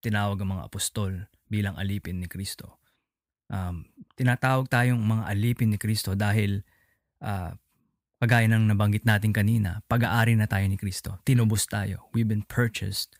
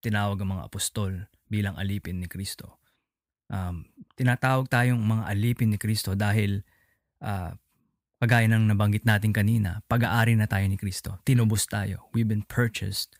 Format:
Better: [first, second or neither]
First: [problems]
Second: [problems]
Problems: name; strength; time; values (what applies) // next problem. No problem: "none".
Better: neither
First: none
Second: none